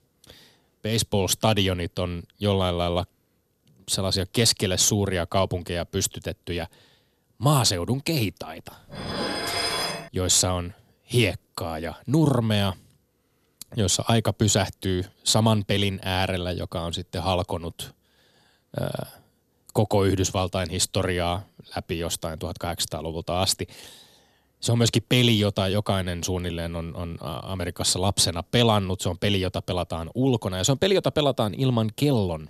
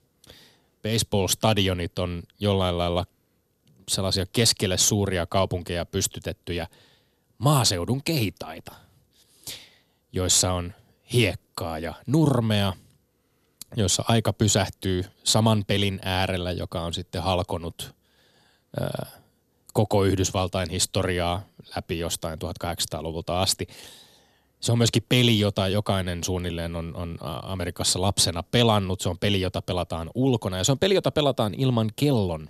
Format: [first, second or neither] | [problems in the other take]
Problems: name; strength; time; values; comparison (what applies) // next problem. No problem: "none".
second | clattering dishes; noticeable; from 9 to 10 s; peak level with the speech